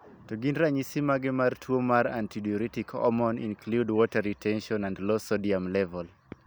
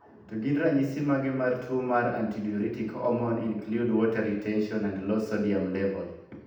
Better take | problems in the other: first | room echo; dies away in 0.8 s

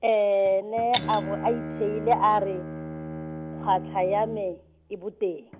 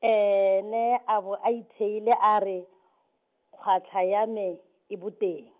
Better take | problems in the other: second | background sound (Bowed string instrument + Shatter); 10 dB below the speech

